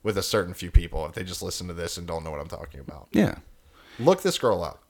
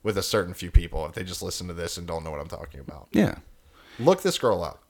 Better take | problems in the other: neither | none

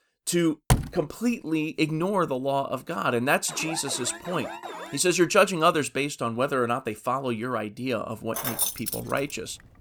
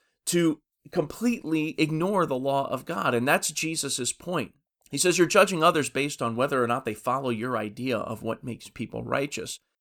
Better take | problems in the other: second | door banging; loud; at 0.5 s; peak 1 dB above the speech // alarm; faint; from 3.5 to 5 s; peak 10 dB below the speech // jangling keys; loud; at 8.5 s; peak 1 dB above the speech

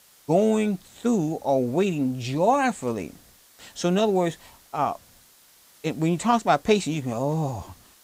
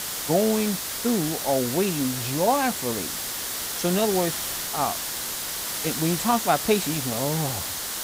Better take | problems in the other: first | hiss; loud; throughout; 2 dB below the speech; faint in the first

